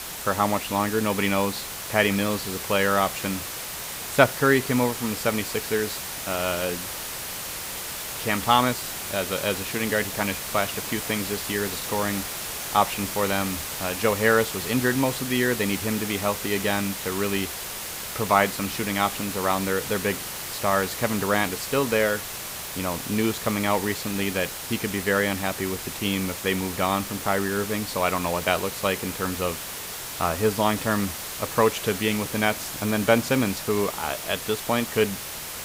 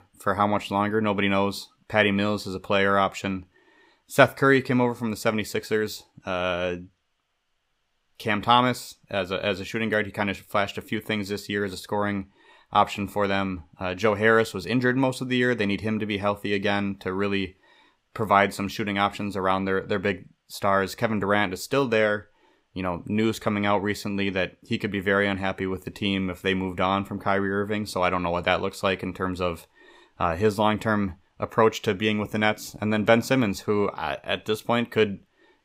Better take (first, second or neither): second